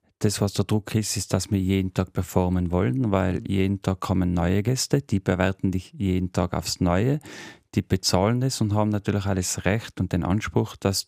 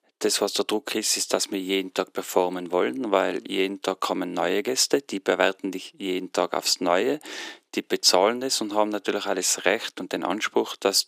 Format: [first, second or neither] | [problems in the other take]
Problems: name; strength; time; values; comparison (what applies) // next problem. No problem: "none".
first | thin; somewhat; fading below 300 Hz